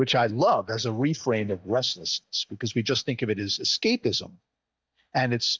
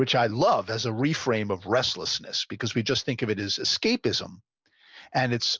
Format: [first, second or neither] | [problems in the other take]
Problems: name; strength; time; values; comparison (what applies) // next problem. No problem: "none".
second | noise reduction (neural mask model DeepFilterNet 3)